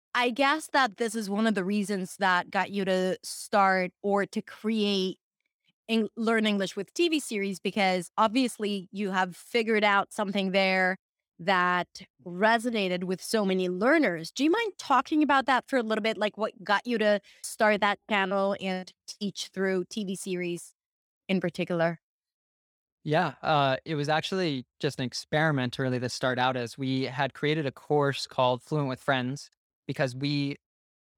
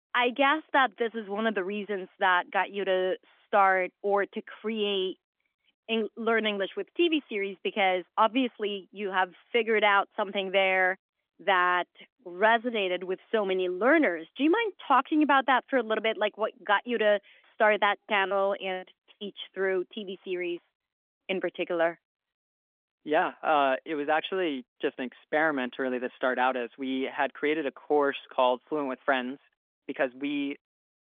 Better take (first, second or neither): first